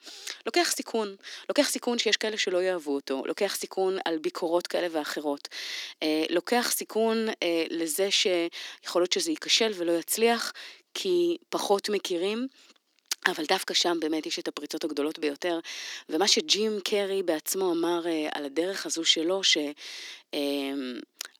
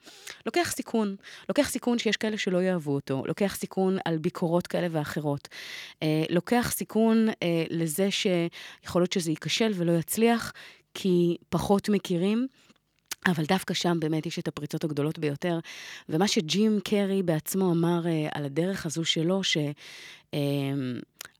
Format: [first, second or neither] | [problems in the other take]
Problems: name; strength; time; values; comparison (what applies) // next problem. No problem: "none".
second | thin; somewhat; fading below 250 Hz